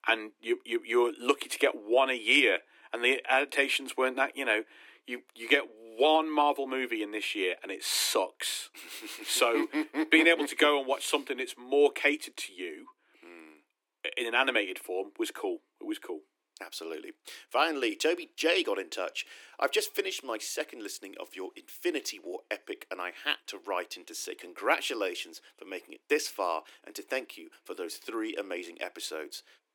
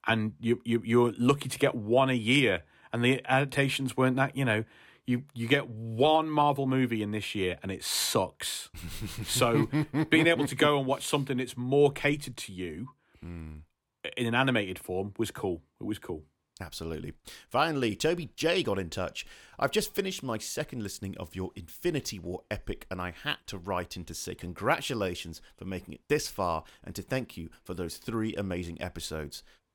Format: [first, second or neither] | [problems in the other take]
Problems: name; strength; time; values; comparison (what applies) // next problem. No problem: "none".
second | thin; somewhat; fading below 300 Hz